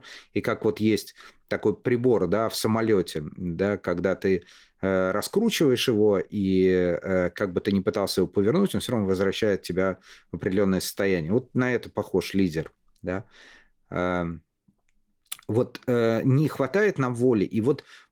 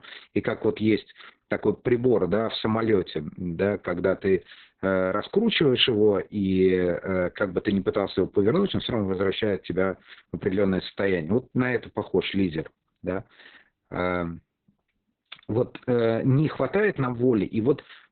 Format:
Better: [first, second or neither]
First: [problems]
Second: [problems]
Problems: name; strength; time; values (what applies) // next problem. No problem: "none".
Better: first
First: garbled, watery; slightly; nothing above 19 kHz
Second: garbled, watery; badly; nothing above 4 kHz